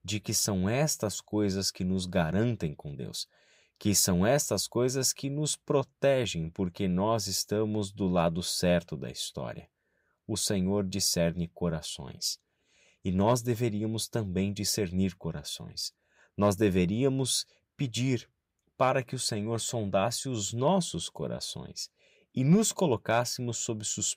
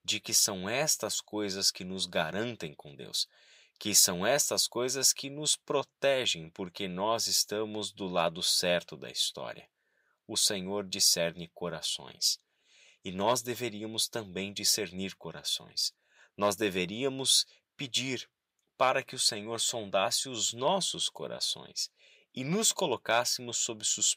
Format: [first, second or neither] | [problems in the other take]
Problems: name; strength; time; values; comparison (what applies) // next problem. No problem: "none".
first | thin; somewhat; fading below 800 Hz